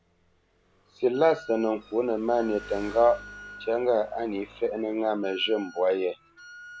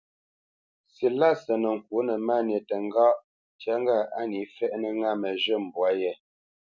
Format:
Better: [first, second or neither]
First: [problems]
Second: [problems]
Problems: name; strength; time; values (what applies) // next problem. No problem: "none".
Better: second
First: background sound (Engine + Wind instrument, woodwind instrument); 19 dB below the speech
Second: none